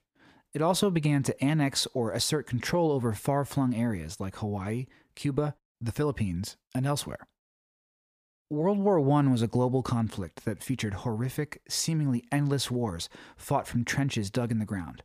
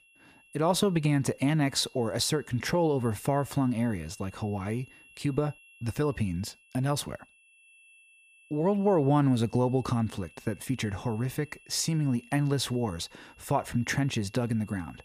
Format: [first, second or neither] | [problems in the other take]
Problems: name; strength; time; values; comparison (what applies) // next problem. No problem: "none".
first | high-pitched whine; faint; throughout; 2.5 kHz, 25 dB below the speech